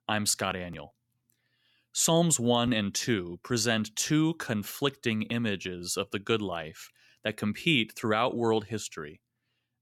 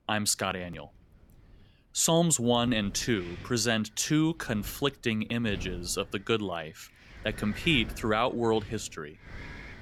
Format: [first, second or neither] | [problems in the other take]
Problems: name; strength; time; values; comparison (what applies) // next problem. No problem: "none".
first | wind noise on the microphone; occasional gusts; 20 dB below the speech